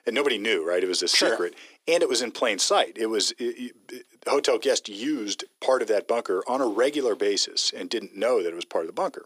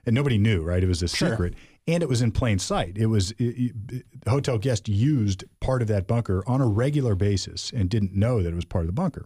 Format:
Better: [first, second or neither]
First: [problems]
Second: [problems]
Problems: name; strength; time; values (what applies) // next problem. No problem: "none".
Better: second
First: thin; very; fading below 350 Hz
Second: none